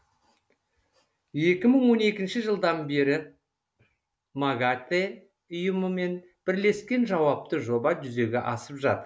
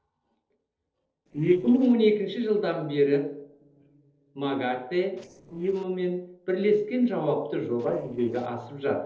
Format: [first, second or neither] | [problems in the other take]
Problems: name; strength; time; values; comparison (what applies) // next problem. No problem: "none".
first | noise reduction (neural separator model SepFormer DNS4)